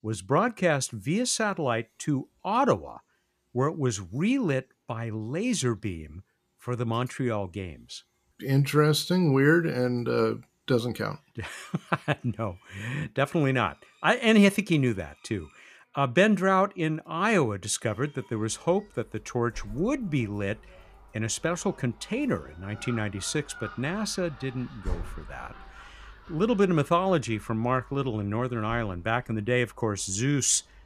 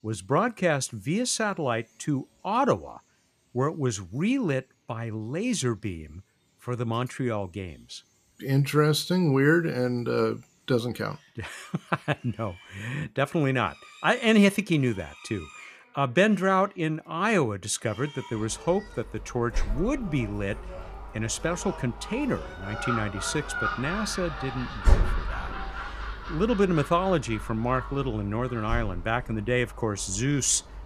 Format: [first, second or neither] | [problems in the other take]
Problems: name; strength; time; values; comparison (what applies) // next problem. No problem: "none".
first | animal sounds; loud; throughout; 9 dB below the speech; faint in the first